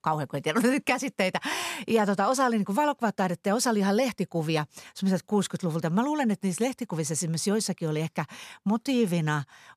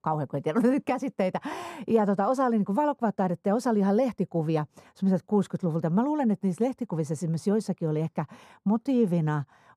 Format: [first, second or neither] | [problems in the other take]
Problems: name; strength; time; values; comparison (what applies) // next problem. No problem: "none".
first | muffled; slightly; fading above 1.5 kHz